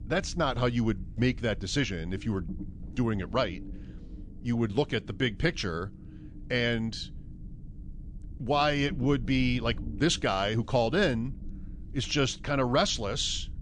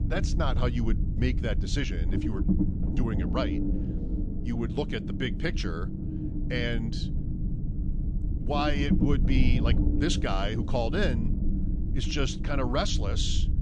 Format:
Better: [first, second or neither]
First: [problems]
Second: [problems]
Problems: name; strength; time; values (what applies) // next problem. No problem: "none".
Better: first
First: low rumble; faint; throughout; 25 dB below the speech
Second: low rumble; loud; throughout; 7 dB below the speech